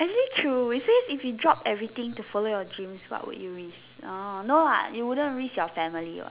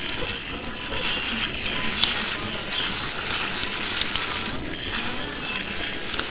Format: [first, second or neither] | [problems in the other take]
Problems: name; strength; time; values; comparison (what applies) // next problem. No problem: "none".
first | noise reduction (neural separator model SepFormer WHAMR!)